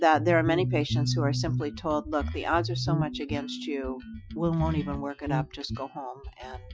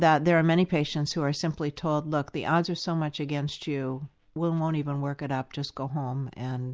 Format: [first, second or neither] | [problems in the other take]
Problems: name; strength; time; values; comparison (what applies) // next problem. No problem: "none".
second | noise reduction (classical method Wiener filter)